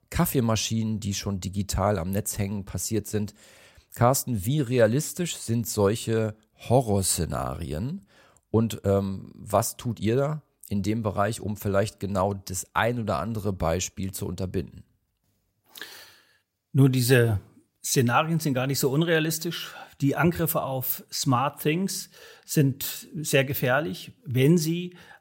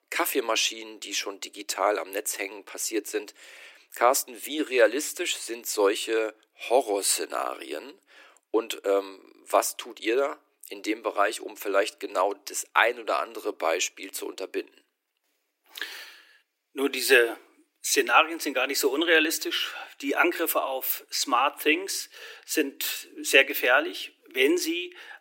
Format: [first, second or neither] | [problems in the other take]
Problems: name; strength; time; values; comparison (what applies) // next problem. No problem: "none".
first | thin; very; fading below 300 Hz